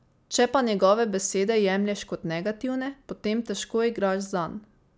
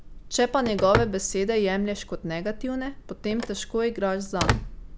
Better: first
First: none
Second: background sound (Telephone); 6 dB below the speech

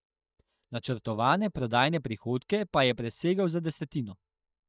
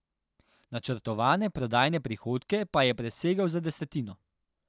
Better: second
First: noise reduction (neural mask model DeepFilterNet 3)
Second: none

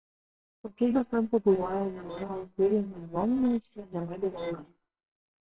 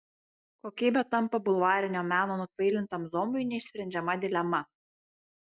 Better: second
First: noise reduction (neural separator model SepFormer WHAMR!)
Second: none

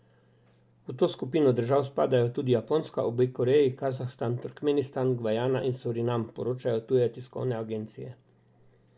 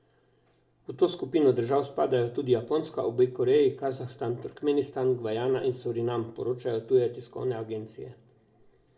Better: first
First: none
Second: room echo; dies away in 0.7 s

